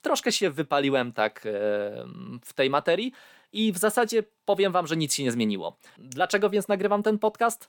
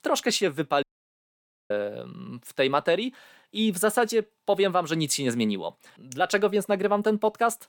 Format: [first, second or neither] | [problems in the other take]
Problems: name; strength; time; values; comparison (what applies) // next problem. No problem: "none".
first | audio cutting out; at 1 s for 1 s